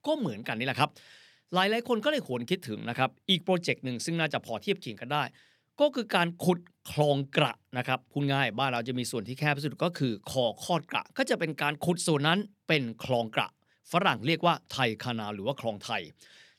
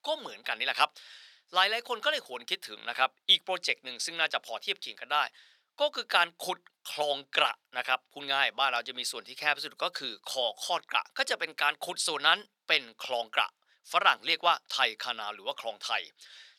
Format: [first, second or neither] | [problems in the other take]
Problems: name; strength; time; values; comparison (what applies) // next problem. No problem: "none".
first | thin; very; fading below 800 Hz